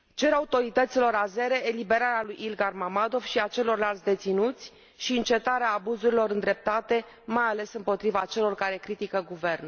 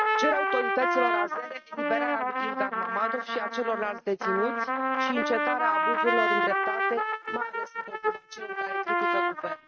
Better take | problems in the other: first | noise reduction (neural mask model RNNoise)

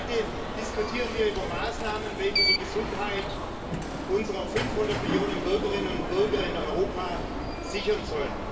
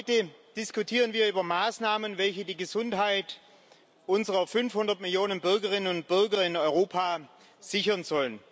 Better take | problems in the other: second | background sound (Alarm); 1 dB below the speech // room echo; dies away in 2.3 s

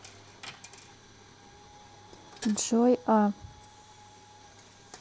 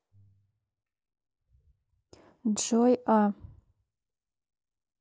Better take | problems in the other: second | background sound (Coin (dropping)); 18 dB below the speech

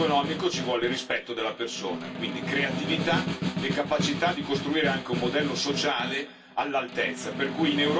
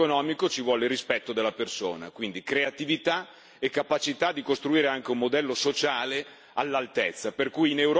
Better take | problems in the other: second | background sound (Snare drum); 5 dB below the speech // room echo; dies away in 0.2 s

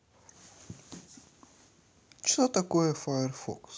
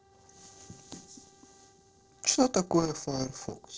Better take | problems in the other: first | noise reduction (neural separator model SepFormer DNS4)

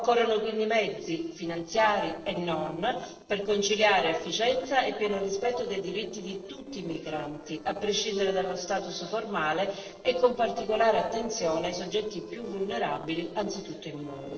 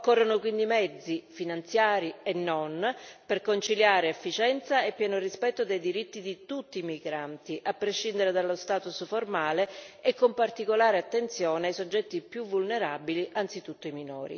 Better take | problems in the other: second | noise reduction (neural separator model SepFormer DNS4)

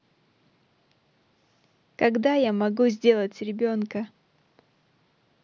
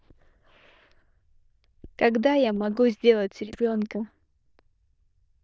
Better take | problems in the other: first | noise reduction (neural diffusion model UNIVERSE++)

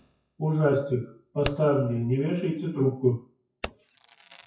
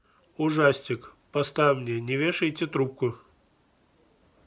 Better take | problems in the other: second | noise reduction (classical method WPE with log-MMSE)

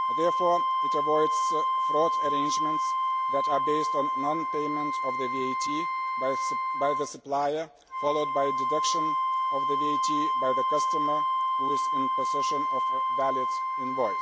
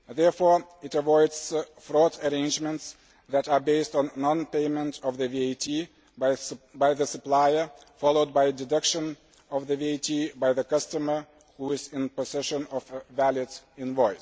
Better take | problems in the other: second | background sound (Wind instrument, woodwind instrument); 4 dB above the speech

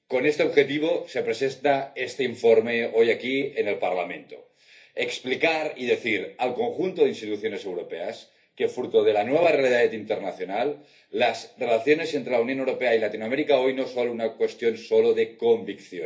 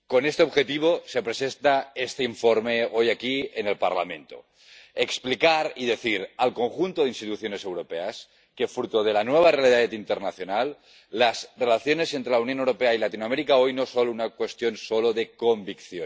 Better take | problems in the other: second | room echo; dies away in 0.3 s

